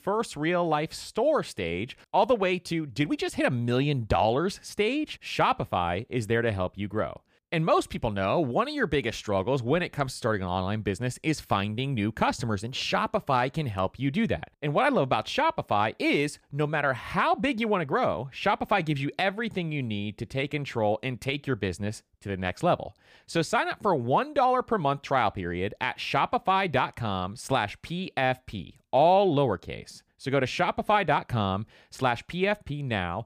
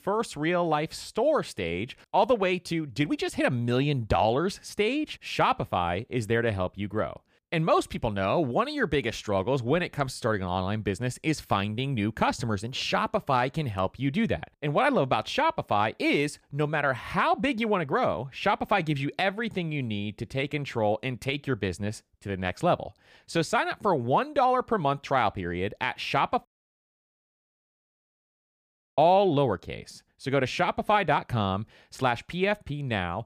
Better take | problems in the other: first | audio cutting out; at 26 s for 2.5 s

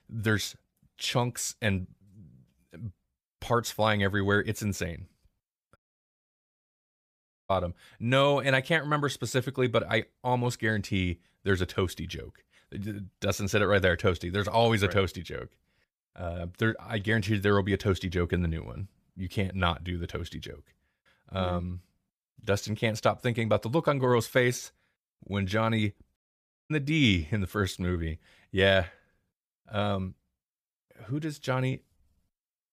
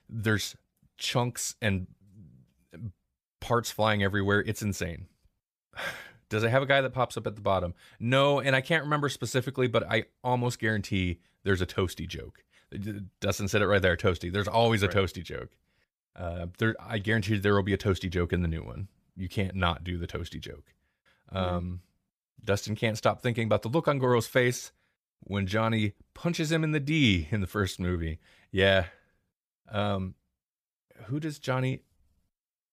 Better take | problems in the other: second | audio cutting out; at 6 s for 1.5 s and at 26 s for 0.5 s

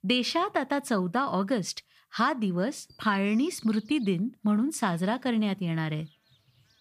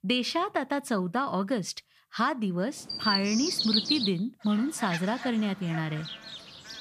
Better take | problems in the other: first | animal sounds; loud; from 2.5 s on; 2 dB below the speech; faint in the first

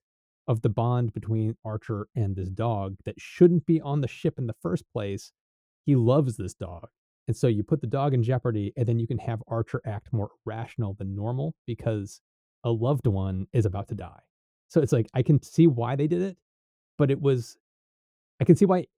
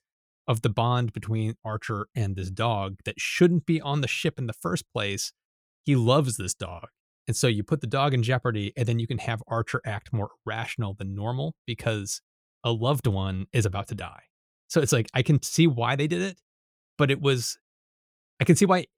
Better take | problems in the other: second | muffled; slightly; fading above 1 kHz

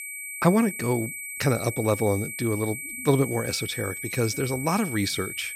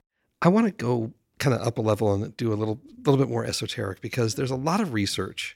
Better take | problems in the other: second | high-pitched whine; loud; throughout; 2.5 kHz, 7 dB below the speech

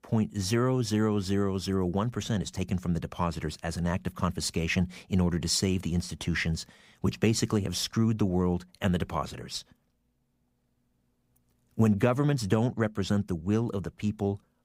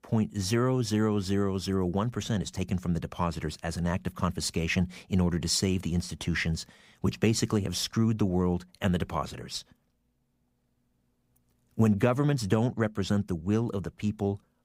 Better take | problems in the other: neither | none

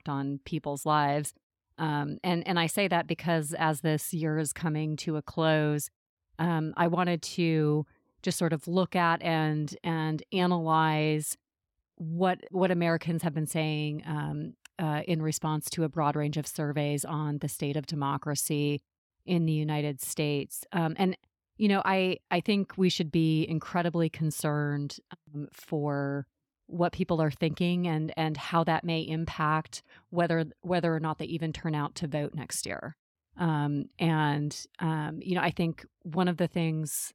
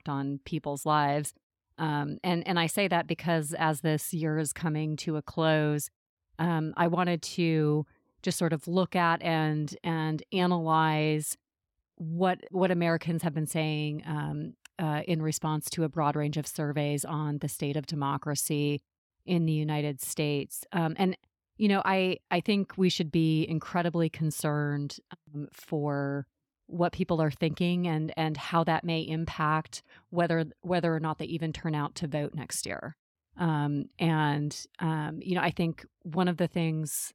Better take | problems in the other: neither | none

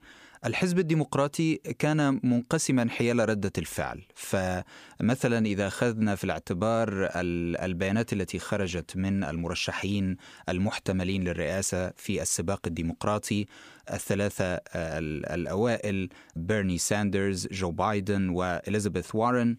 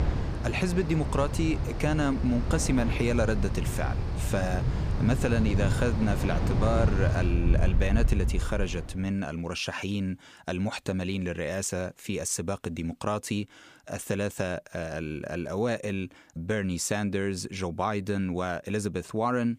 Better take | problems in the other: first | wind in the background; very loud; until 8.5 s; 1 dB above the speech

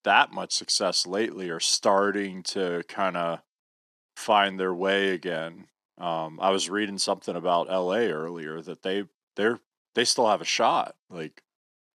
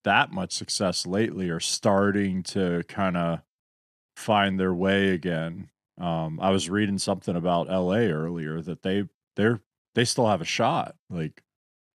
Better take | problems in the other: second | thin; somewhat; fading below 350 Hz

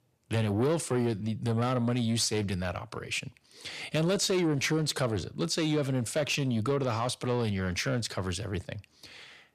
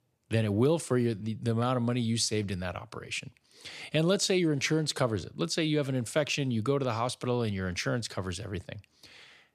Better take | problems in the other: second | distortion; slight; 10 dB below the speech

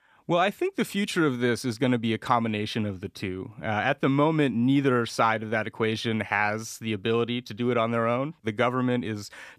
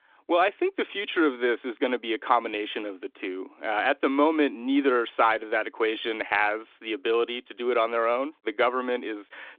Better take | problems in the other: first | phone-call audio; nothing above 3.5 kHz

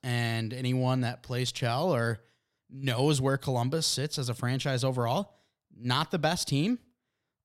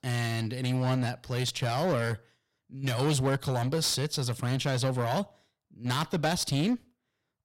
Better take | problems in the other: first | distortion; slight; 10% of the sound clipped

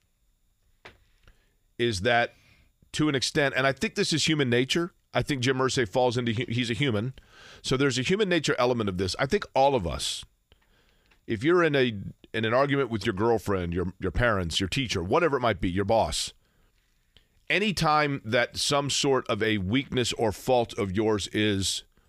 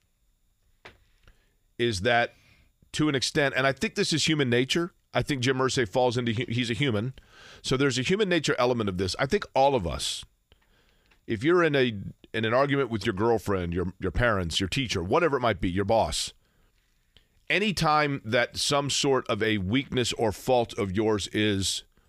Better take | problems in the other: neither | none

